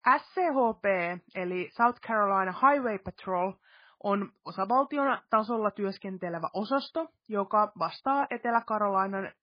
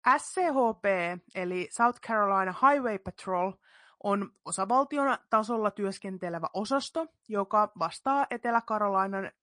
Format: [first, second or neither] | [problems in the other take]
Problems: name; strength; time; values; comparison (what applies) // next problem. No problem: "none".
second | garbled, watery; badly; nothing above 5 kHz; slightly in the second